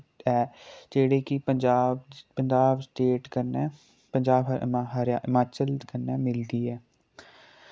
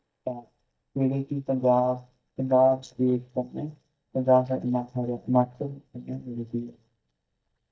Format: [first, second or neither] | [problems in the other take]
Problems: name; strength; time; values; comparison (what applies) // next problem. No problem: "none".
first | noise reduction (neural mask model DeepFilterNet 3)